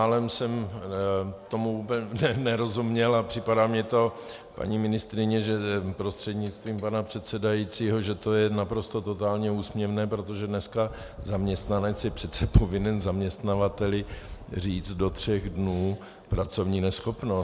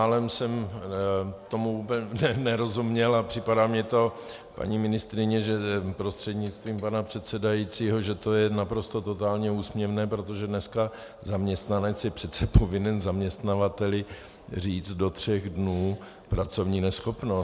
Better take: second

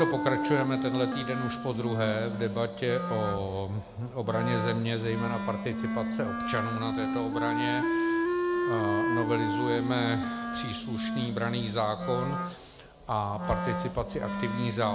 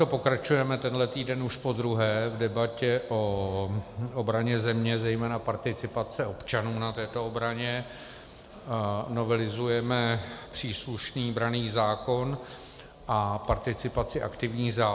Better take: second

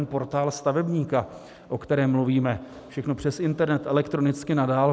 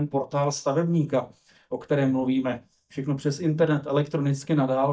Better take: first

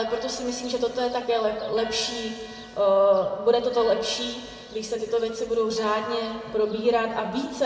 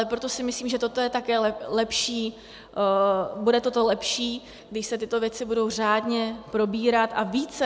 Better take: second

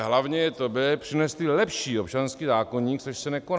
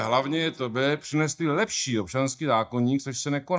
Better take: first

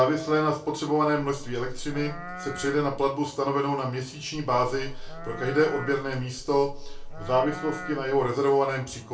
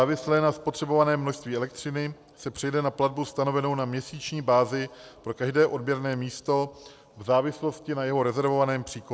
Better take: second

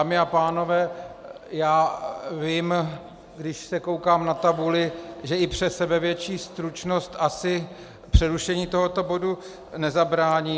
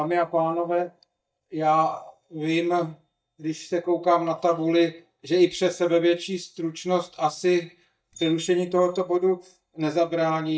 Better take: first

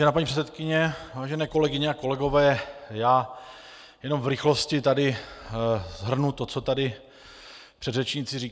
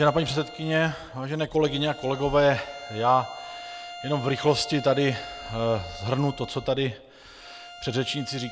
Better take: first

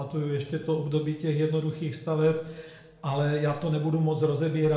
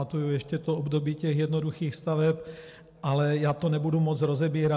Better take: second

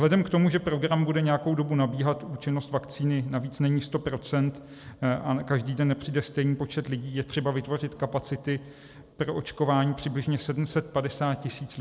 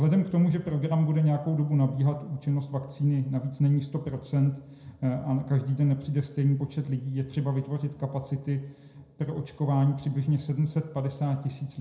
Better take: first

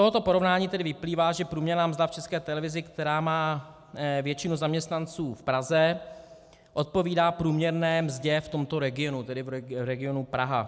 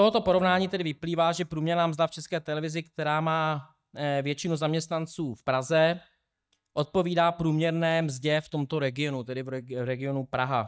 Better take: first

